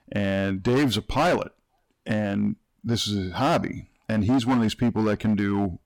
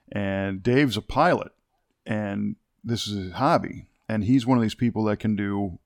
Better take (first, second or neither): second